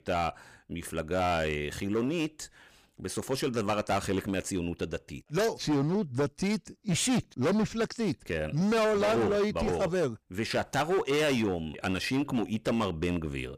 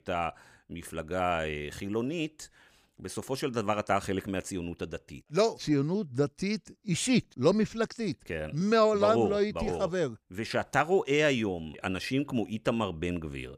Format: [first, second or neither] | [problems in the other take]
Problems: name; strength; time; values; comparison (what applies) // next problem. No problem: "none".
second | distortion; heavy; 13% of the sound clipped